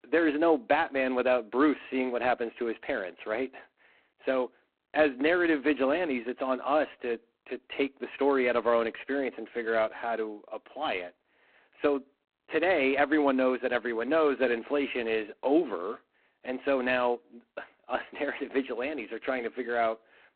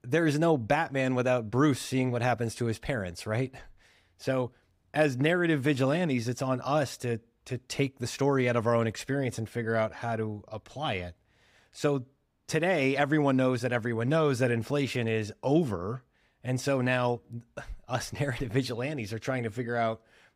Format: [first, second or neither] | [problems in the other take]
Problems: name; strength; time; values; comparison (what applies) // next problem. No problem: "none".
second | phone-call audio; poor line; nothing above 4 kHz